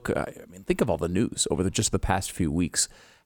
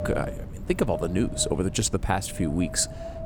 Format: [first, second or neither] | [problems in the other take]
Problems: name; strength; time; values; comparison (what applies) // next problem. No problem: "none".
first | wind noise on the microphone; occasional gusts; 10 dB below the speech